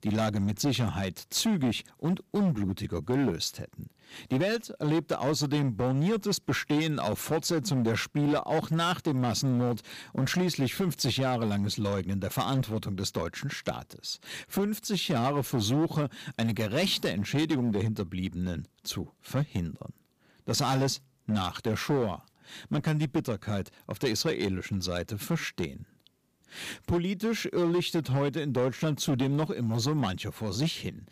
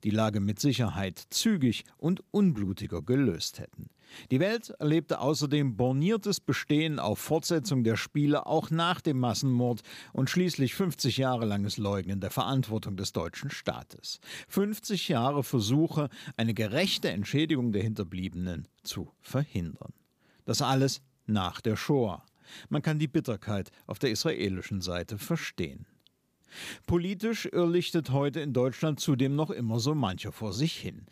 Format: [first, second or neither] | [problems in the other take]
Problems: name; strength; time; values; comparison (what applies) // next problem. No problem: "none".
second | distortion; slight; 9% of the sound clipped